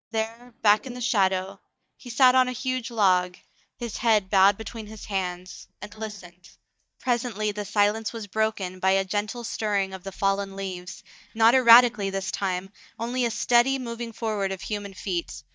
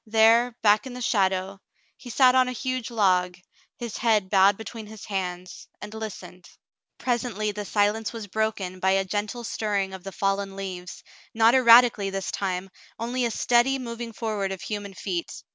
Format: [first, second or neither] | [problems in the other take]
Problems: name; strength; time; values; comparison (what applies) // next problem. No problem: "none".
second | noise reduction (neural mask model DeepFilterNet 3)